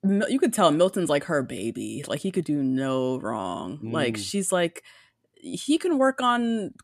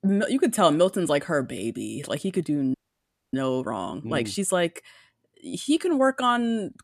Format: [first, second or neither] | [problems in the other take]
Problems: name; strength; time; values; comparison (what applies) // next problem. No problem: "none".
first | audio freezing; at 2.5 s for 0.5 s